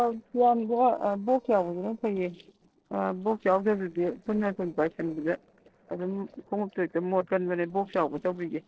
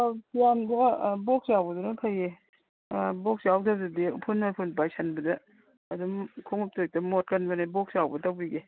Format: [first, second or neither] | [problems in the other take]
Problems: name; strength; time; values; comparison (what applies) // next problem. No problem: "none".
second | noise reduction (neural separator model SepFormer DNS4)